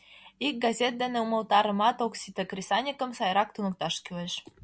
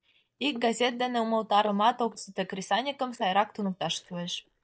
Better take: first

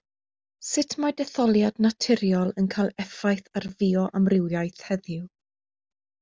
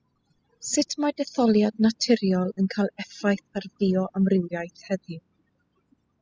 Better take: first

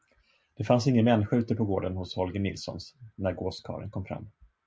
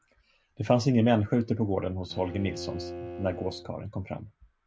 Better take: first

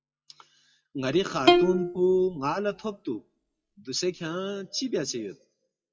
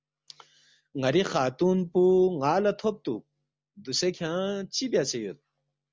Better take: second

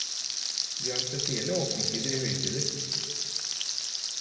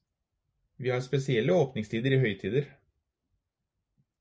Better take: second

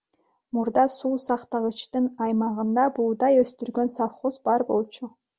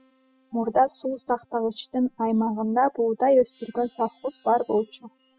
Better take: first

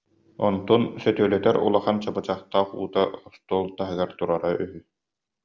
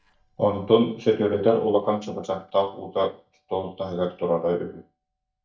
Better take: first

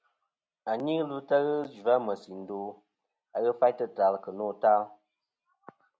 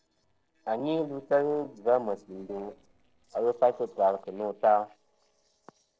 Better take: first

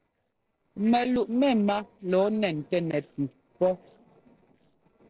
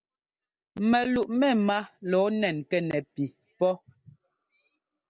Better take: second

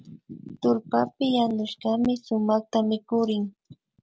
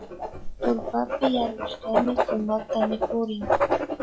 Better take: first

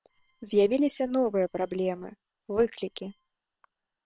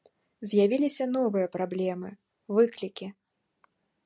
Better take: second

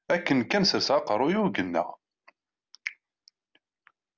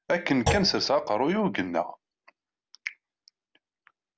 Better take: first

